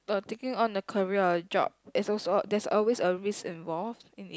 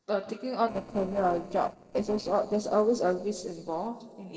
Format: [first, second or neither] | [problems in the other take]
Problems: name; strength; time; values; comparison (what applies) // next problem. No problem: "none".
first | noise reduction (neural separator model SepFormer DNS4)